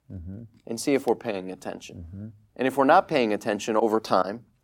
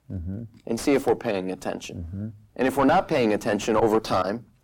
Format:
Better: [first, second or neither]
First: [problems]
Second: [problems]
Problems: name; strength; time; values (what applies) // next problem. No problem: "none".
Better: first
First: none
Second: distortion; heavy; 6 dB below the speech